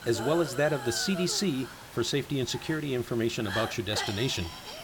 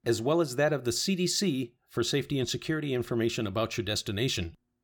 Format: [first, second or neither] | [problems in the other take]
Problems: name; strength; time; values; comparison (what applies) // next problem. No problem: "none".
second | hiss; loud; throughout; 9 dB below the speech